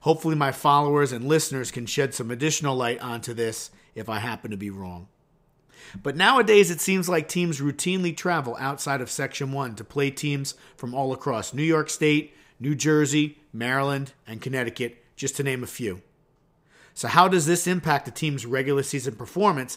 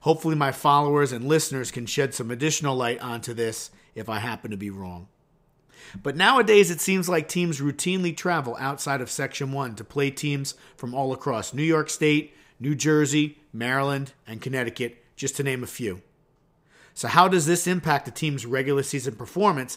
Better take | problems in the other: neither | none

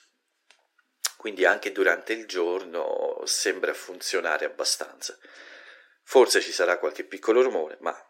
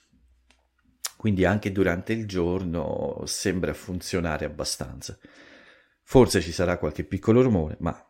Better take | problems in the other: second | thin; very; fading below 350 Hz

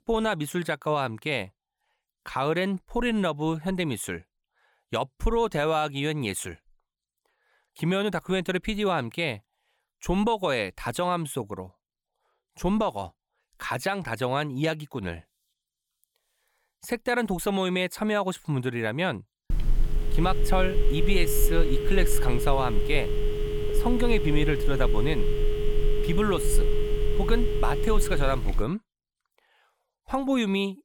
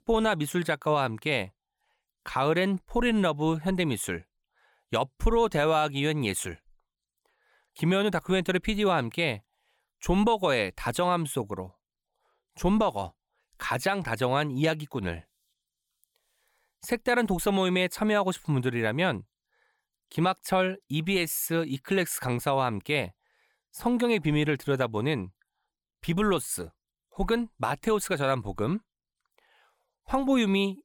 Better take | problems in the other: second | phone ringing; loud; from 20 to 29 s; peak 1 dB above the speech

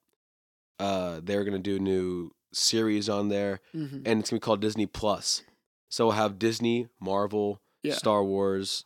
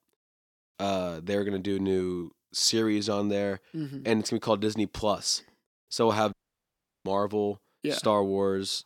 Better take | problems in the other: first | audio cutting out; at 6.5 s for 0.5 s

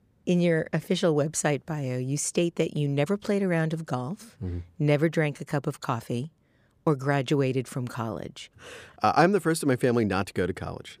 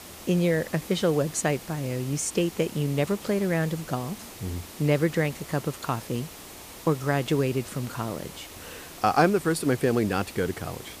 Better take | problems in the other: first | hiss; noticeable; throughout; 15 dB below the speech

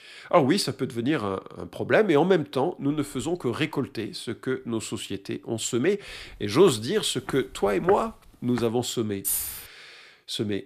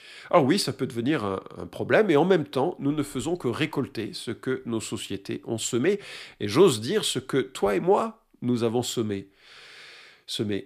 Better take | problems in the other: second | footsteps; noticeable; from 6.5 to 8.5 s; peak 9 dB below the speech // jangling keys; noticeable; at 9 s; peak level with the speech

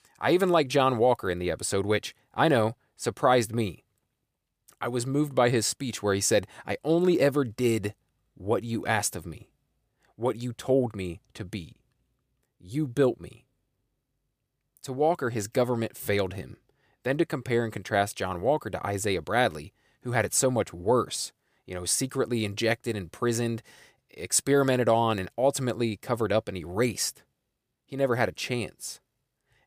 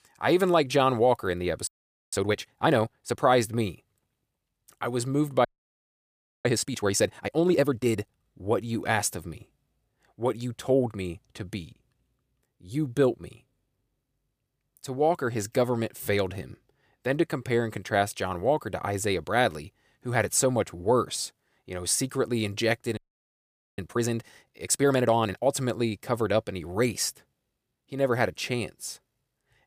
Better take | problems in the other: first | audio freezing; at 1.5 s, at 5.5 s for 1 s and at 23 s for 1 s

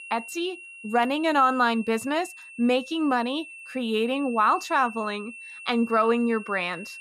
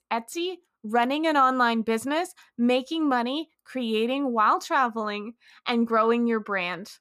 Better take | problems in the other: second | high-pitched whine; noticeable; throughout; 2.5 kHz, 15 dB below the speech

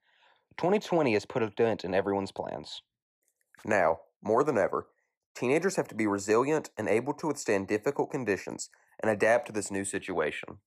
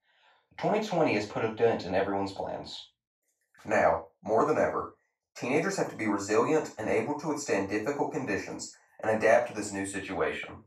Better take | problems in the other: first | room echo; slight; dies away in 0.3 s // off-mic speech; far

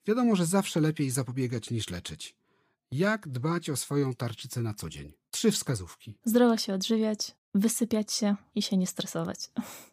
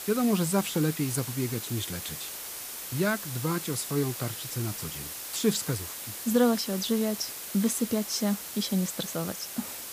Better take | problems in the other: first | hiss; loud; throughout; 6 dB below the speech

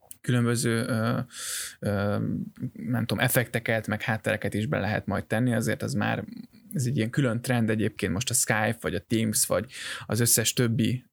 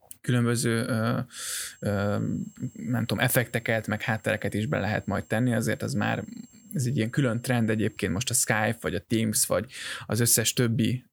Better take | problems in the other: first | high-pitched whine; faint; from 1.5 to 9 s; 7.5 kHz, 30 dB below the speech

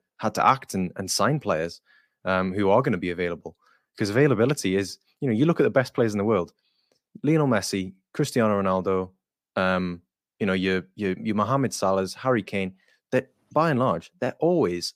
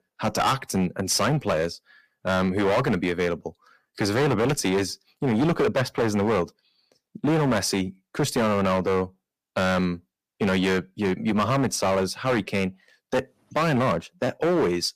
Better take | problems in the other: first | distortion; heavy; 14% of the sound clipped

